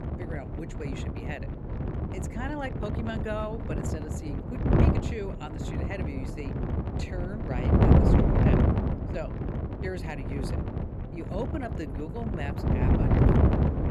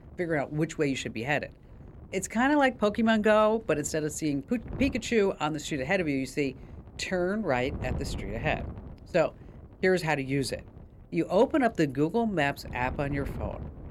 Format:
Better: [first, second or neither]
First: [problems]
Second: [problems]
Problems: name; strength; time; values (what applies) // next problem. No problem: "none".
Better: second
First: wind noise on the microphone; heavy; 4 dB above the speech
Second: wind noise on the microphone; occasional gusts; 25 dB below the speech